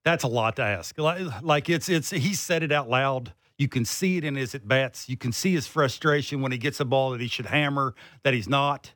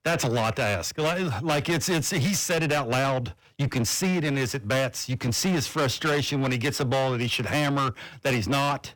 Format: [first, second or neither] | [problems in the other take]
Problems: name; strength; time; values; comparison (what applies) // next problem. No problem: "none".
first | distortion; heavy; 6 dB below the speech